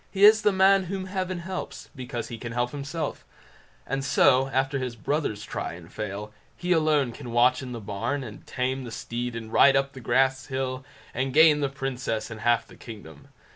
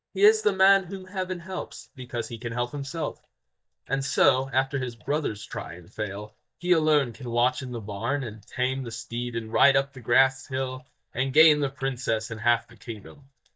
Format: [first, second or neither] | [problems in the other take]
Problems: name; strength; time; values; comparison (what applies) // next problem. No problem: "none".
first | noise reduction (neural mask model DeepFilterNet 3)